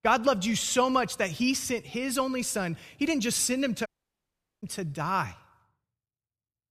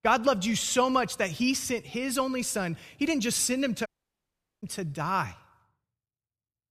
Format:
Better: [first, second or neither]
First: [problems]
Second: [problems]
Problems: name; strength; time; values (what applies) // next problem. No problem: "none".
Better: neither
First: audio cutting out; at 4 s for 1 s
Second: audio cutting out; at 4 s for 1 s